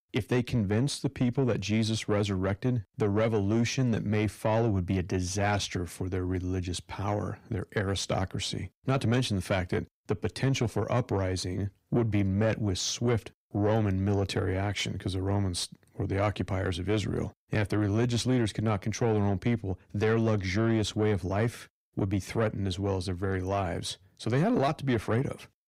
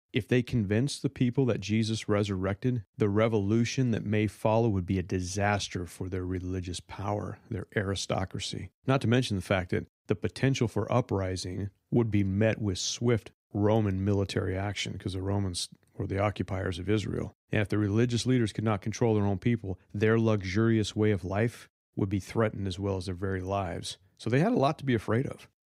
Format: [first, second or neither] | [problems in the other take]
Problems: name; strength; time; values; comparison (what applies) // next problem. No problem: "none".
second | distortion; slight; 10 dB below the speech